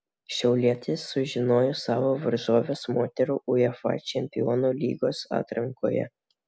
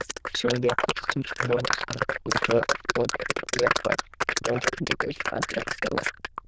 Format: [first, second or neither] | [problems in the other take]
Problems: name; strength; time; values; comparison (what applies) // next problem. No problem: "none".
first | noise reduction (neural diffusion model UNIVERSE++)